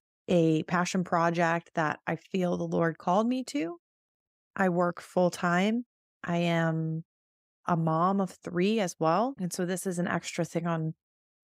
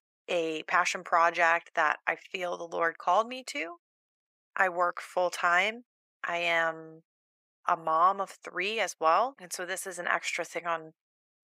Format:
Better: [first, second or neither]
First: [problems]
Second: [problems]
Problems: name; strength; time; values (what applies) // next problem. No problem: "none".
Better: first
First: none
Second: thin; very; fading below 700 Hz